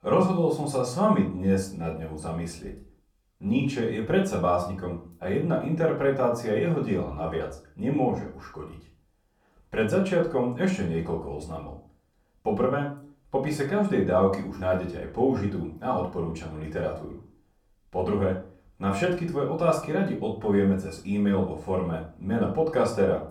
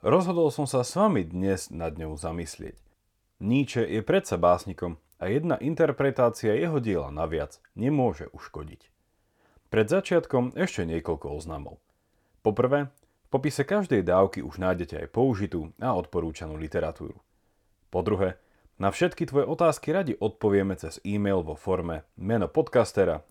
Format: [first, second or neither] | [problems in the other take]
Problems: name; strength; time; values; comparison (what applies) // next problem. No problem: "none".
second | off-mic speech; far // room echo; slight; dies away in 0.3 s